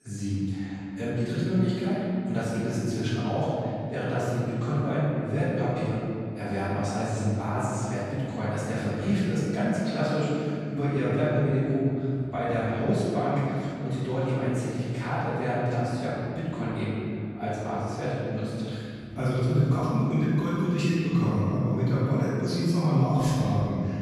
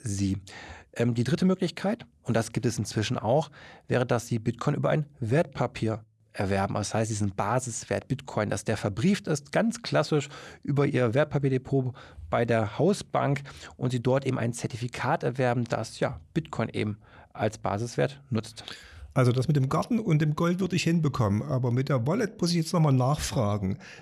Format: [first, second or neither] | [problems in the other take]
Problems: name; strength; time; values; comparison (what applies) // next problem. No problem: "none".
second | room echo; strong; dies away in 2.7 s // off-mic speech; far